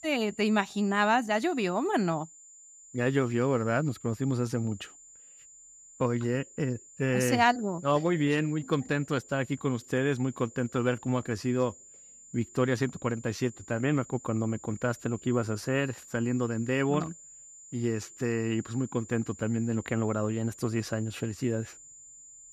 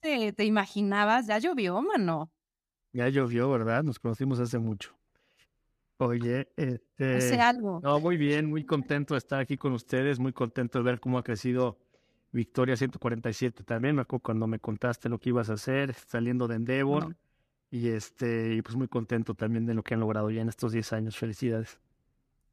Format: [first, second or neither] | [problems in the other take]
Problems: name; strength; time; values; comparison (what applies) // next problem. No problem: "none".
second | high-pitched whine; noticeable; throughout; 7 kHz, 20 dB below the speech